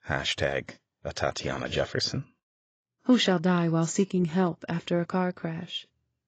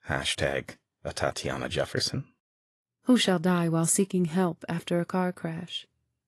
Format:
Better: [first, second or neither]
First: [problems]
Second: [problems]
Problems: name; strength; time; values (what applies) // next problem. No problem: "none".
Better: second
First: garbled, watery; badly; nothing above 7.5 kHz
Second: garbled, watery; slightly; nothing above 11 kHz